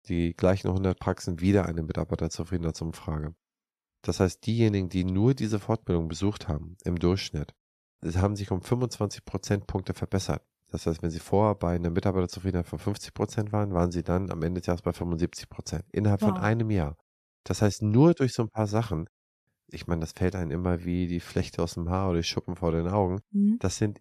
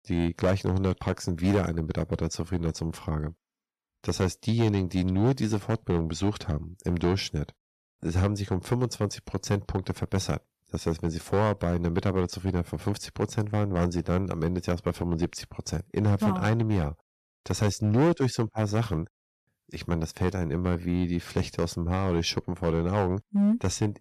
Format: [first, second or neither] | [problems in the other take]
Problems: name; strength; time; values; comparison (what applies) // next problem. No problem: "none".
first | distortion; slight; 5% of the sound clipped